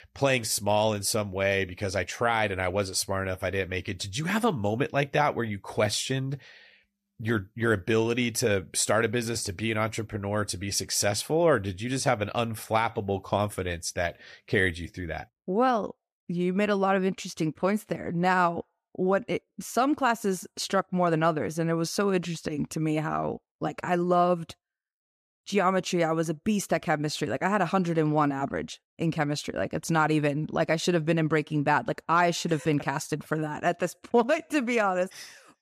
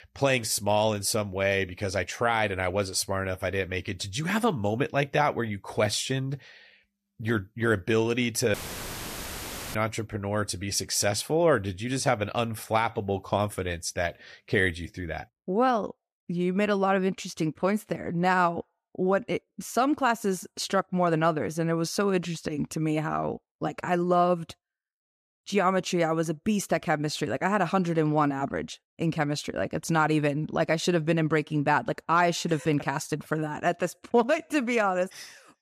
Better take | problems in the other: first | audio cutting out; filled with static; at 8.5 s for 1 s

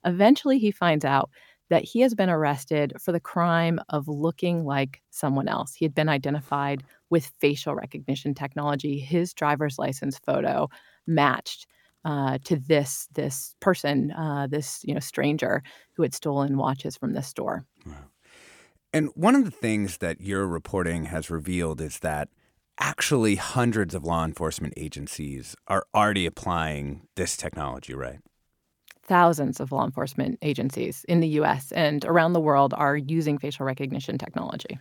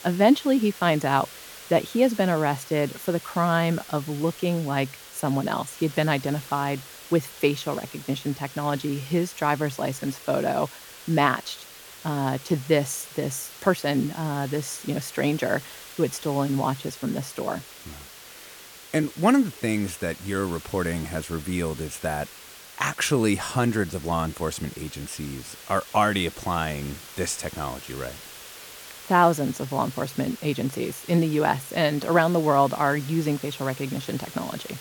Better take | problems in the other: first | hiss; noticeable; throughout; 15 dB below the speech

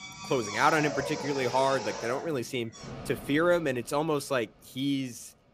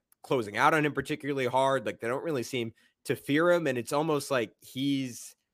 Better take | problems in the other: second | machinery noise; loud; throughout; 9 dB below the speech

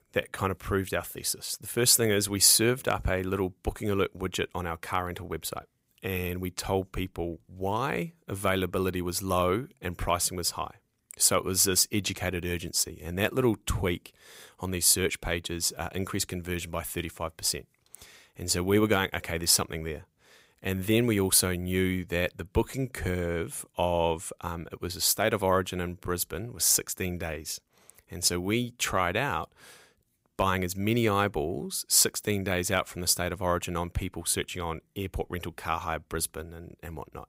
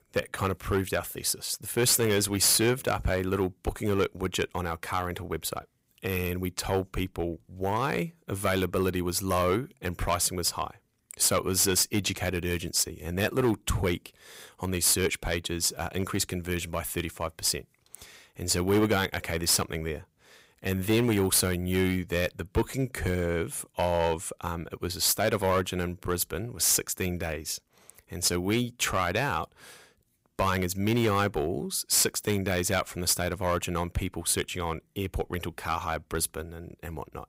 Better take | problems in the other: first | distortion; slight; 4% of the sound clipped

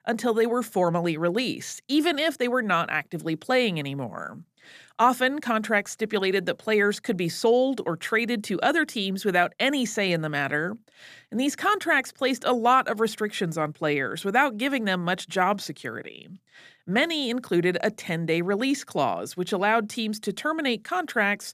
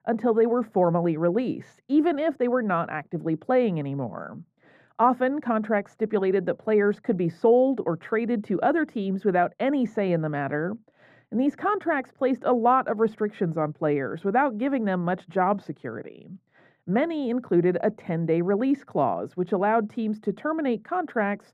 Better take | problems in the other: first | muffled; very; fading above 2.5 kHz

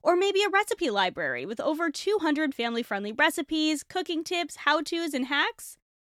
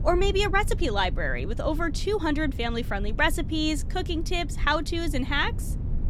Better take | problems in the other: first | low rumble; noticeable; throughout; 20 dB below the speech

